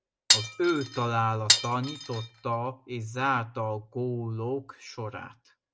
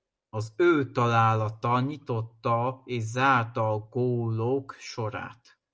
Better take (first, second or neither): second